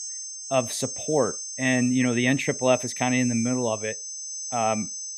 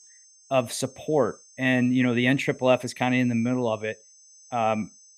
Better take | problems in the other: second | high-pitched whine; loud; throughout; 6.5 kHz, 6 dB below the speech; faint in the second

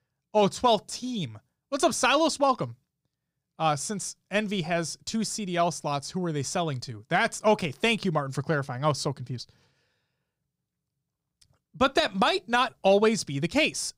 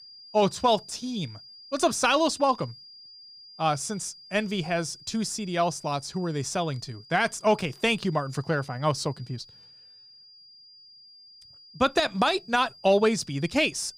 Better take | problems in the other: first | high-pitched whine; faint; throughout; 5 kHz, 20 dB below the speech

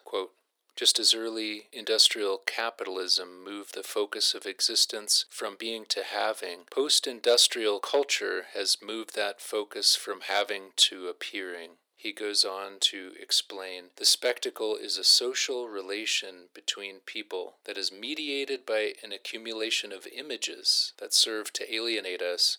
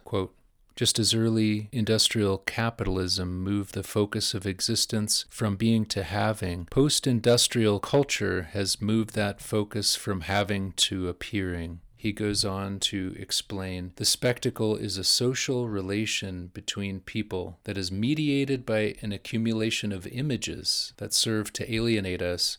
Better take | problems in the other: second | thin; very; fading below 350 Hz

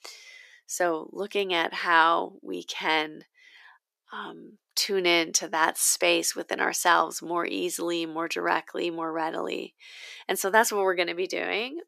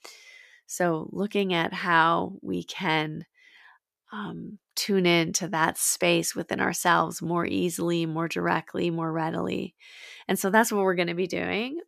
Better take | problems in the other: second | thin; somewhat; fading below 350 Hz

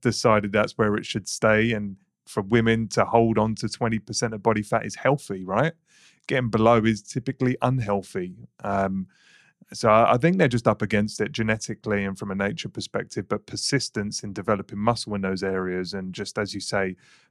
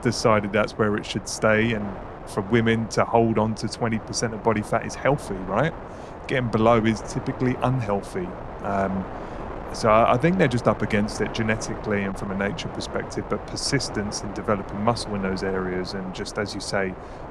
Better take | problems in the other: first | wind noise on the microphone; occasional gusts; 10 dB below the speech

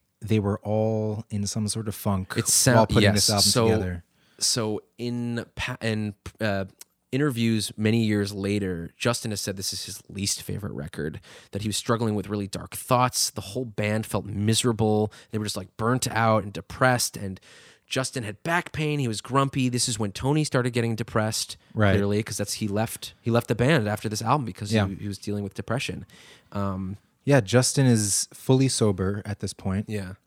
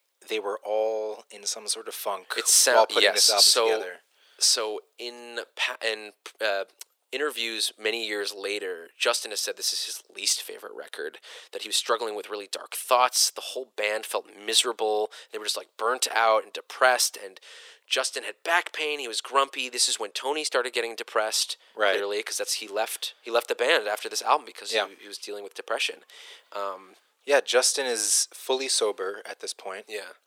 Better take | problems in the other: first | thin; very; fading below 400 Hz

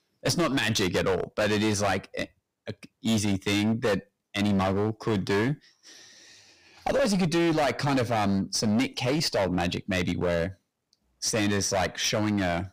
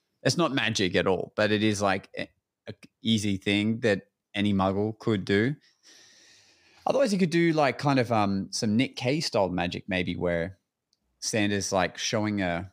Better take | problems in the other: second | distortion; heavy; 15% of the sound clipped

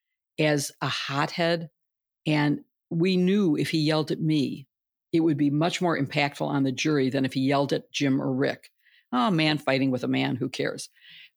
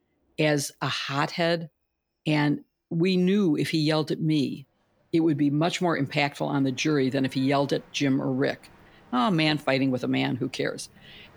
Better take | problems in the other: first | train or aircraft noise; faint; throughout; 30 dB below the speech

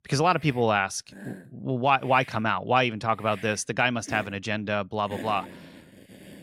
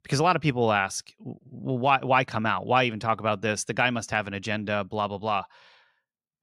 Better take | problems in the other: second | hiss; noticeable; throughout; 20 dB below the speech

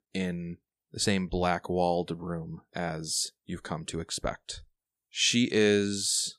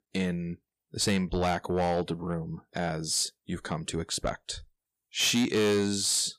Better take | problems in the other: first | distortion; slight; 10 dB below the speech

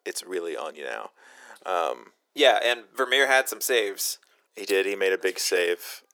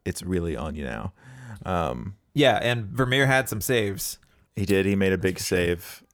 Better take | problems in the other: second | thin; very; fading below 350 Hz

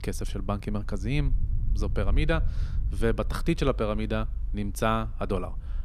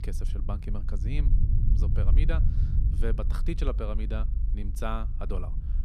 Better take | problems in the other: first | low rumble; loud; throughout; 8 dB below the speech; faint in the first

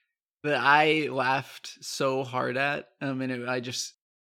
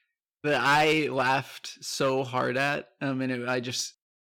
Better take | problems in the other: first | distortion; slight; 4% of the sound clipped

